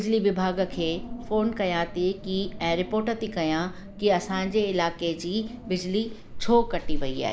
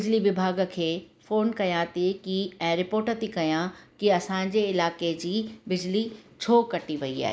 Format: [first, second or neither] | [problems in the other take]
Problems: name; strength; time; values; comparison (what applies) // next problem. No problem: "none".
second | background sound (Wind); 7 dB below the speech